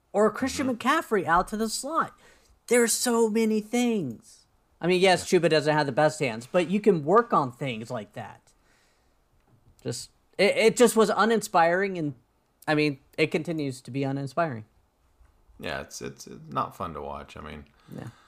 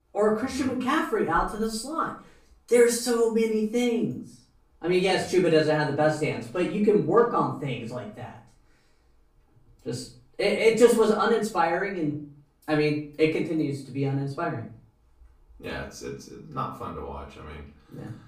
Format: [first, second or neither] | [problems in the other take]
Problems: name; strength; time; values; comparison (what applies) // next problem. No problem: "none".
first | off-mic speech; far // room echo; slight; dies away in 0.4 s